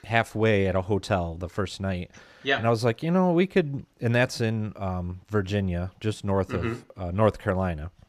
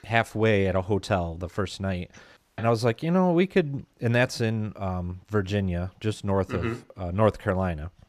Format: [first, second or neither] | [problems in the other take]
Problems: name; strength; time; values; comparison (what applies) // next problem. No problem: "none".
first | audio cutting out; at 2.5 s